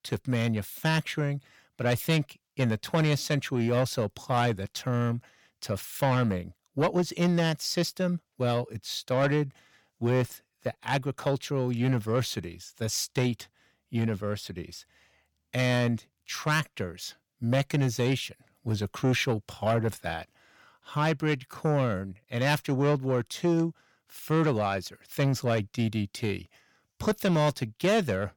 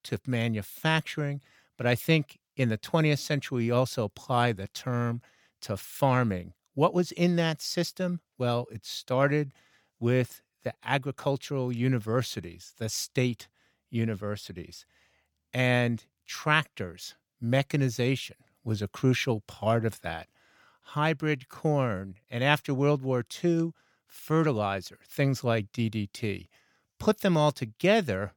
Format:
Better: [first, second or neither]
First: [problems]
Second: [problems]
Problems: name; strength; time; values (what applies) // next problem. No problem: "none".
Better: second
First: distortion; slight; 10 dB below the speech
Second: none